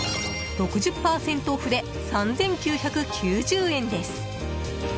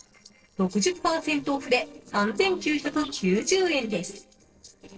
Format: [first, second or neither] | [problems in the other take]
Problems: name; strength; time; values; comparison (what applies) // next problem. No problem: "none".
first | noise reduction (neural separator model SepFormer DNS4)